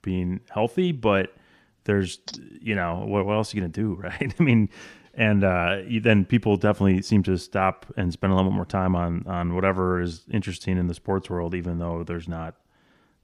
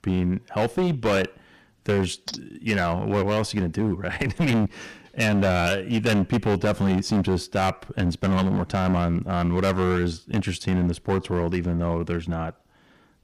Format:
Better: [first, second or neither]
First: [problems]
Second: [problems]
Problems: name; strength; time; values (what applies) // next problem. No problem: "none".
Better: first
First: none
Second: distortion; heavy; 17% of the sound clipped